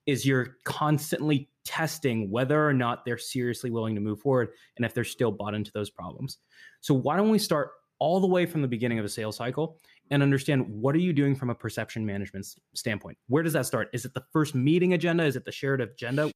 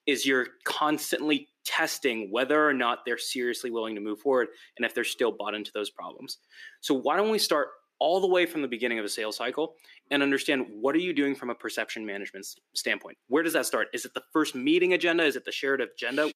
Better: first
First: none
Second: thin; somewhat; fading below 300 Hz

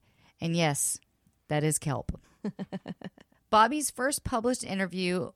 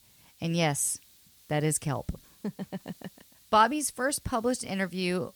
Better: first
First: none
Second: hiss; faint; throughout; 25 dB below the speech

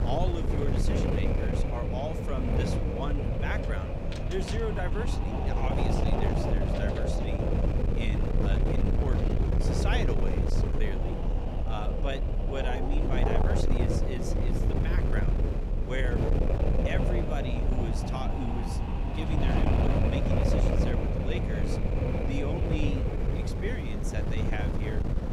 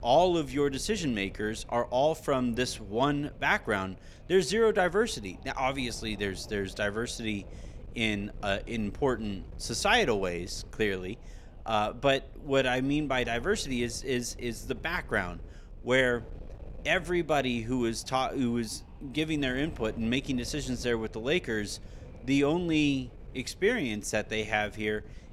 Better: second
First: wind noise on the microphone; heavy; 3 dB above the speech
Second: wind noise on the microphone; occasional gusts; 25 dB below the speech

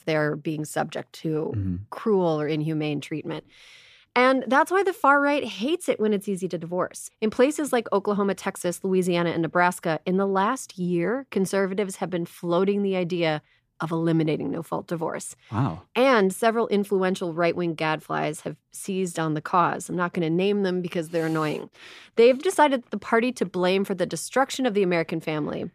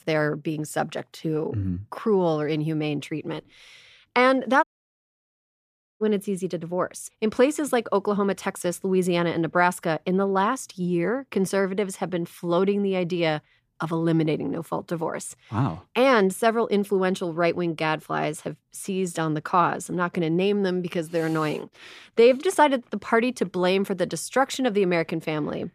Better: first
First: none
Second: audio cutting out; at 4.5 s for 1.5 s

